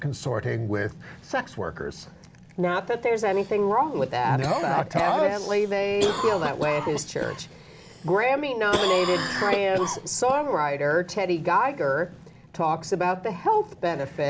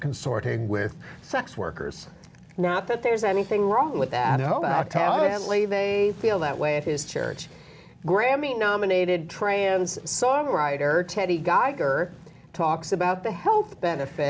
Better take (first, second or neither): second